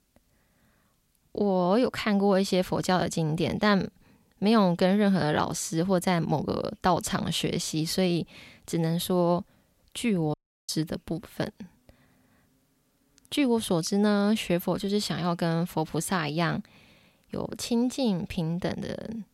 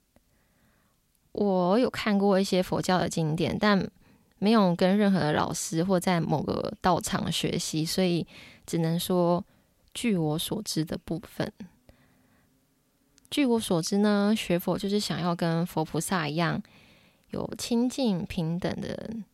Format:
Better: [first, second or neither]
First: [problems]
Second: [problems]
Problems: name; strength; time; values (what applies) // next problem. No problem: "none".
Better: second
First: audio cutting out; at 10 s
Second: none